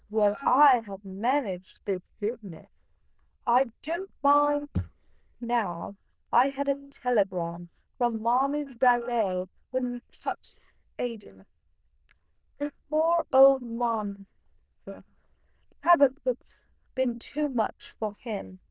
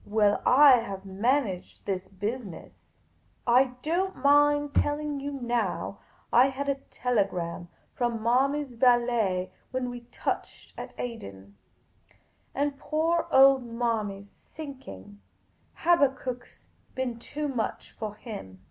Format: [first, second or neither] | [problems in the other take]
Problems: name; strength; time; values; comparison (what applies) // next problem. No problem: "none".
second | noise reduction (neural diffusion model UNIVERSE++)